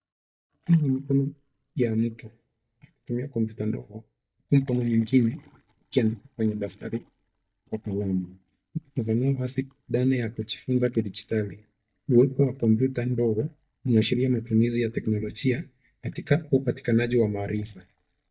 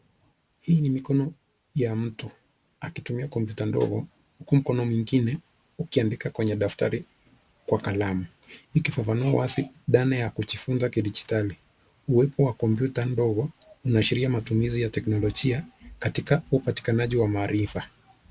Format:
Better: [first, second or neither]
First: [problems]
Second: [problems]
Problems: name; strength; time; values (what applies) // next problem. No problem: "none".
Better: second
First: noise reduction (neural mask model DeepFilterNet 3)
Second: none